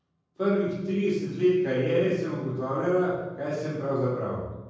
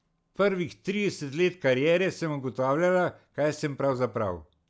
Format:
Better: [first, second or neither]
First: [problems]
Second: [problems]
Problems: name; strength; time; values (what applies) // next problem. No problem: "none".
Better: second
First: room echo; dies away in 1.3 s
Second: none